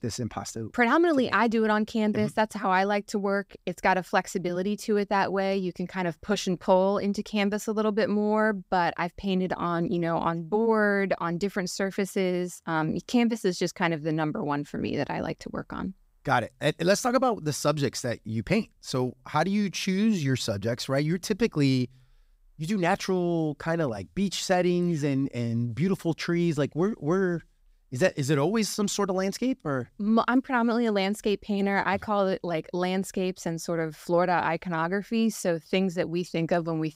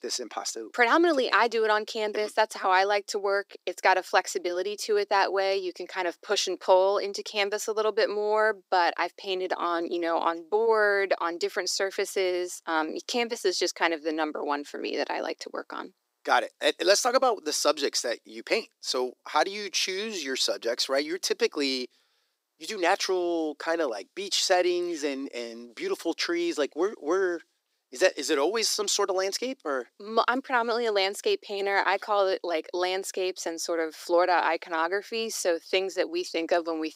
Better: first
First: none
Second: thin; very; fading below 300 Hz

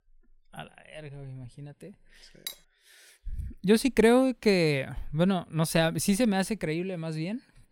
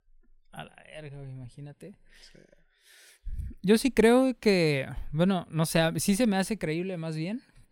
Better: second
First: clattering dishes; faint; at 2.5 s; peak 15 dB below the speech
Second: none

